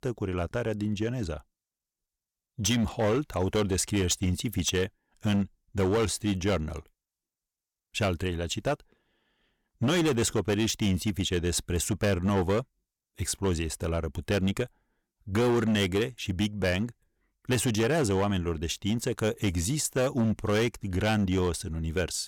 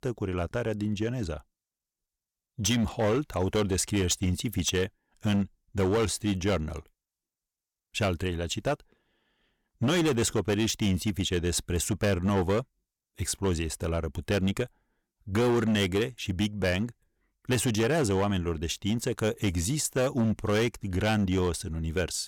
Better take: neither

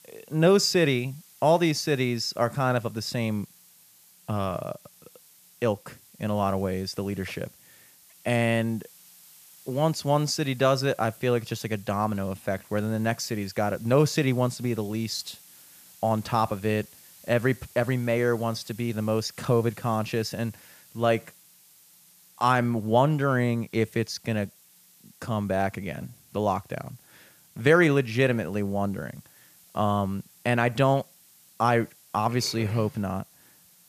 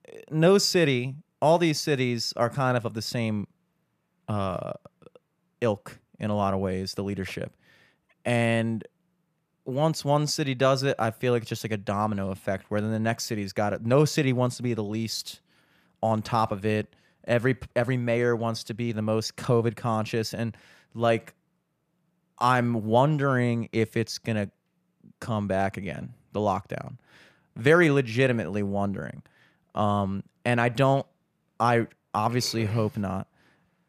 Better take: second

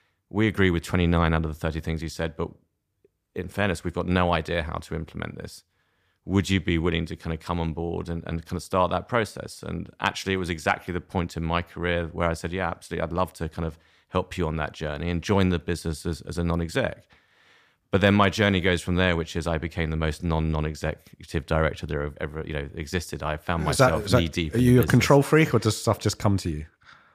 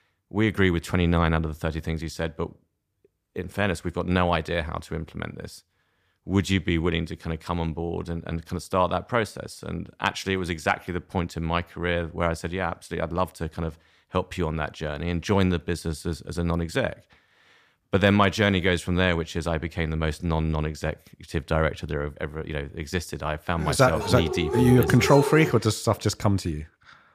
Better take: first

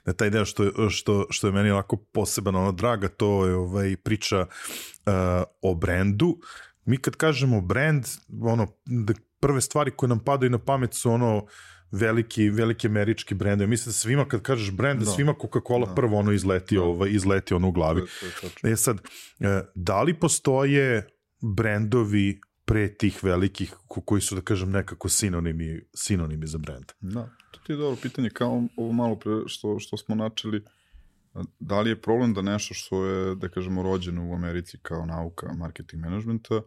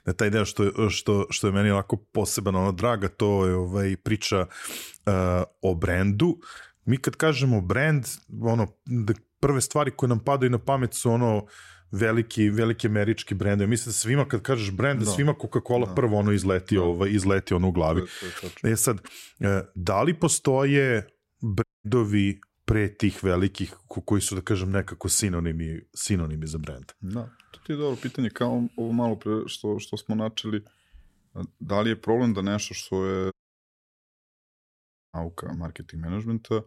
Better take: first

